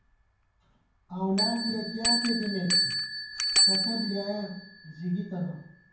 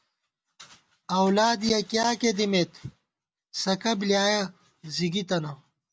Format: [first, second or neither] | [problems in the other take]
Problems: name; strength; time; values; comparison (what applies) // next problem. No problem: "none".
second | background sound (Bell); 3 dB above the speech // room echo; dies away in 0.9 s